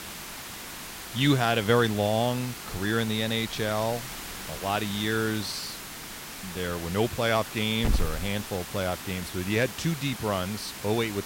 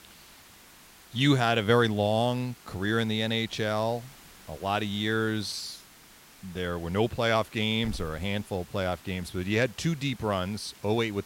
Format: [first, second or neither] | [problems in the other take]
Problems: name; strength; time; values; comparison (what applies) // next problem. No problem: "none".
second | hiss; loud; throughout; 9 dB below the speech; faint in the second